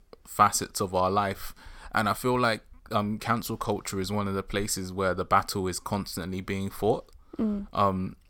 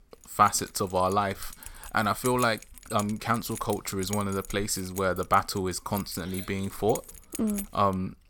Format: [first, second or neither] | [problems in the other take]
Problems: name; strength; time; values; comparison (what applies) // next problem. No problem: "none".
first | jangling keys; noticeable; peak 8 dB below the speech